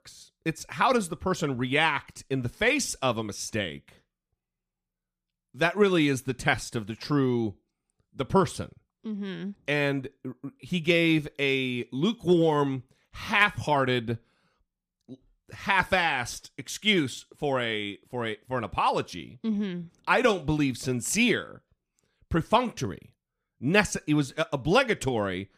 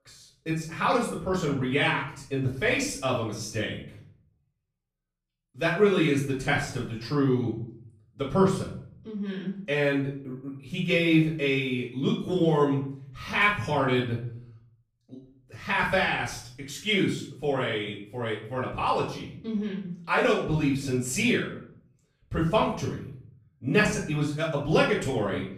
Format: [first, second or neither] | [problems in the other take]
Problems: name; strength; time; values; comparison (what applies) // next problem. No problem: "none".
first | off-mic speech; far // room echo; noticeable; dies away in 0.6 s